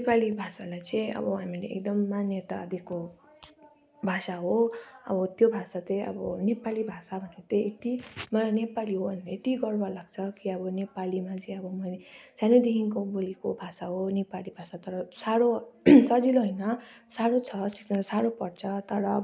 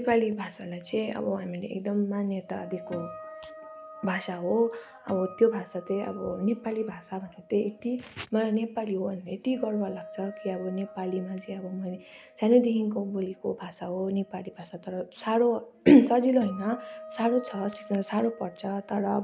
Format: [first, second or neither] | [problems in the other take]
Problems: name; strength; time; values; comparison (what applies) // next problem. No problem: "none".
first | background sound (Wind instrument, woodwind instrument + Acoustic guitar); 20 dB below the speech